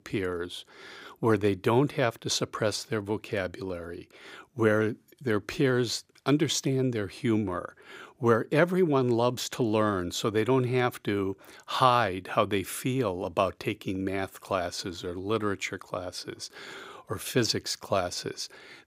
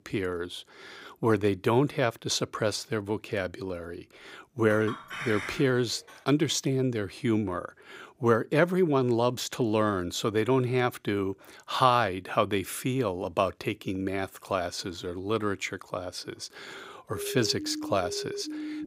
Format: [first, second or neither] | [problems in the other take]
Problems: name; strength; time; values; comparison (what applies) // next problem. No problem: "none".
first | clattering dishes; noticeable; from 4.5 to 6 s; peak 6 dB below the speech // siren; noticeable; from 17 s on; peak 8 dB below the speech